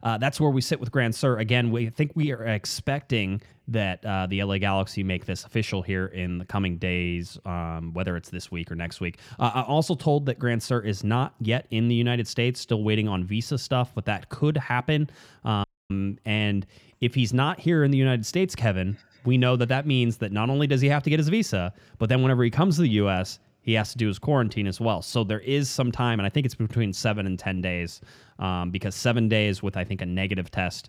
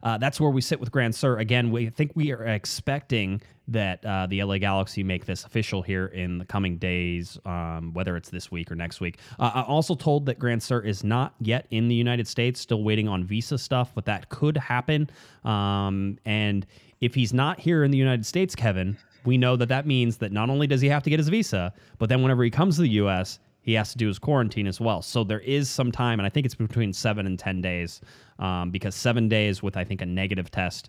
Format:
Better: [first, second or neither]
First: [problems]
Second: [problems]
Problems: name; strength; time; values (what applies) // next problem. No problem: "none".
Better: second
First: audio cutting out; at 16 s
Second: none